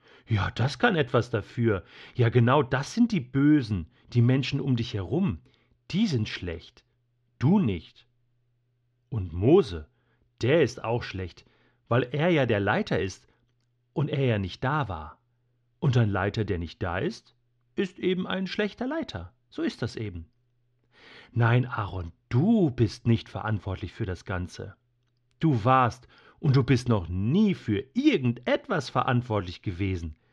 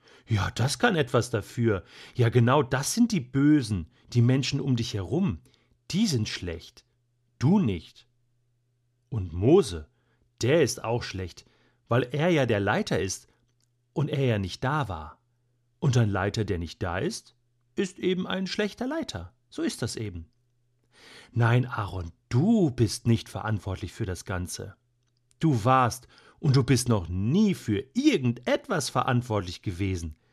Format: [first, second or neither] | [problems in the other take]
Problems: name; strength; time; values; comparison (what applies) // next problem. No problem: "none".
second | muffled; slightly; fading above 3 kHz